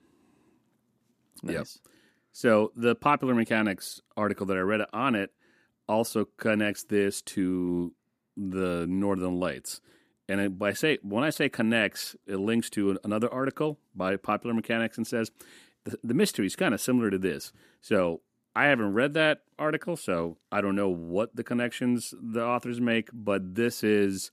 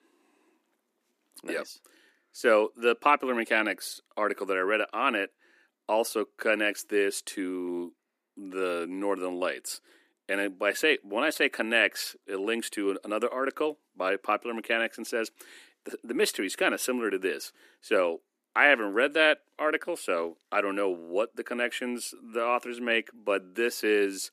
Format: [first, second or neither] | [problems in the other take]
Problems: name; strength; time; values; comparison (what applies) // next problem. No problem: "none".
first | thin; somewhat; fading below 300 Hz